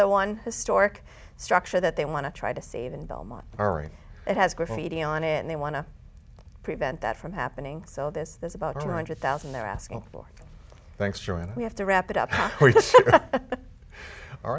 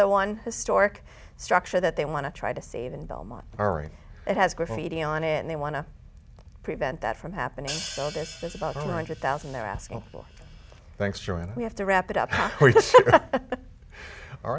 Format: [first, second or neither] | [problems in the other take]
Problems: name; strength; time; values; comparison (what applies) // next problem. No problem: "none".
first | background sound (Hi-hat); 15 dB below the speech